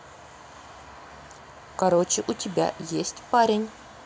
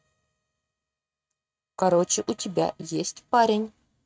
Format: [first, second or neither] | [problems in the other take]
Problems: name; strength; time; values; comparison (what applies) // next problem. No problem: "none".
first | noise reduction (neural mask model RNNoise)